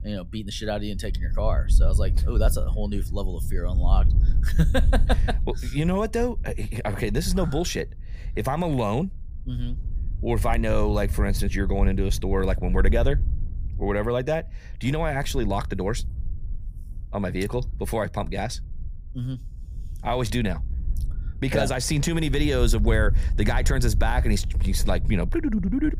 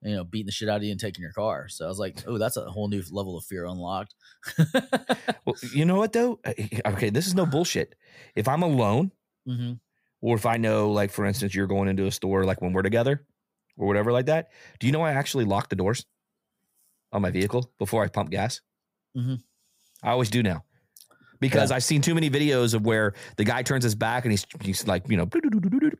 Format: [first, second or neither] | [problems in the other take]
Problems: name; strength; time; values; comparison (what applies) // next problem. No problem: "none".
second | wind noise on the microphone; occasional gusts; 20 dB below the speech